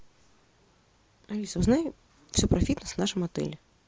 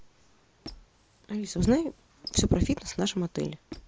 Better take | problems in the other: first | background sound (Squeak); 20 dB below the speech

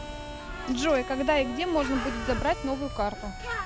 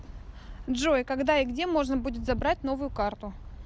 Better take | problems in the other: second | background sound (Bird + Harmonica); 8 dB below the speech

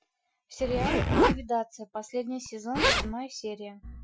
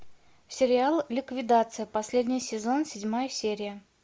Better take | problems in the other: second | noise reduction (classical method Wiener filter)

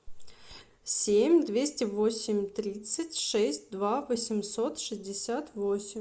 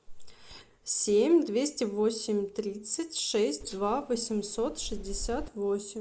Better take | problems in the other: first | noise reduction (neural mask model Resemble Enhance denoiser)

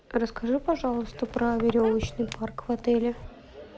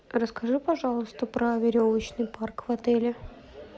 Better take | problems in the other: second | background sound (Squeak); 13 dB below the speech

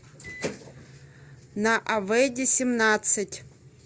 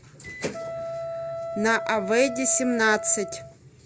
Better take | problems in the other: first | background sound (Wind instrument, woodwind instrument); 8 dB below the speech

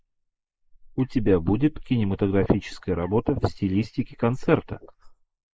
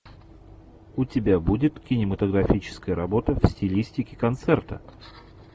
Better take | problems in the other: second | noise reduction (neural mask model Resemble Enhance denoiser)

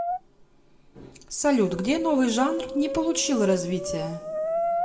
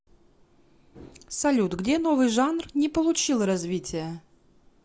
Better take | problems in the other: second | background sound (Brass instrument); 5 dB below the speech // room echo; dies away in 1.5 s

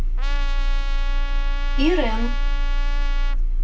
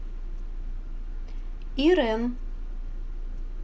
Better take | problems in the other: second | background sound (Trumpet); 17 dB below the speech // room echo; dies away in 0.1 s

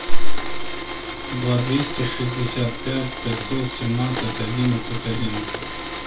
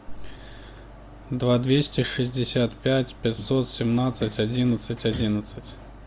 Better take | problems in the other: second | background sound (Domestic sounds, home sounds); 13 dB below the speech // room echo; dies away in 0.2 s

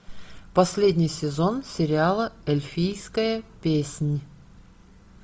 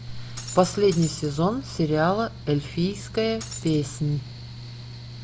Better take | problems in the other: first | background sound (Shatter + Mechanical fan); 13 dB below the speech

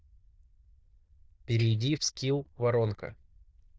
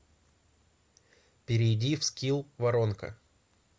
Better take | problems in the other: second | noise reduction (neural diffusion model UNIVERSE++)

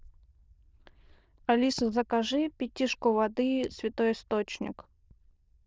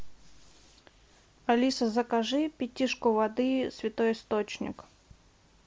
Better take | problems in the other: second | noise reduction (neural diffusion model UNIVERSE++)

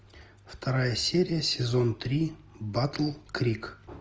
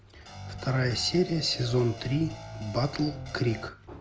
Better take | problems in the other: first | background sound (Guitar); 12 dB below the speech

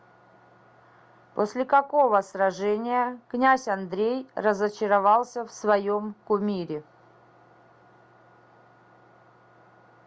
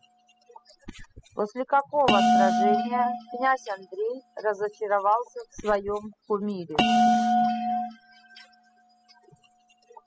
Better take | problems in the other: first | noise reduction (classical method spectral subtraction)

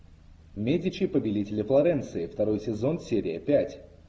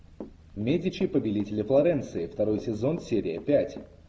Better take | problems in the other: first | background sound (Walk, footsteps / Run); 19 dB below the speech

